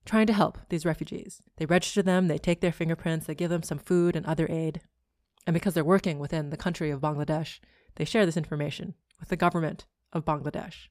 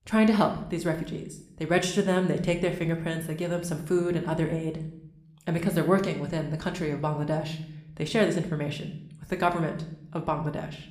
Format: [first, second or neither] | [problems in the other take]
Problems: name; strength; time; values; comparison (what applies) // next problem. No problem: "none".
first | room echo; slight; dies away in 0.6 s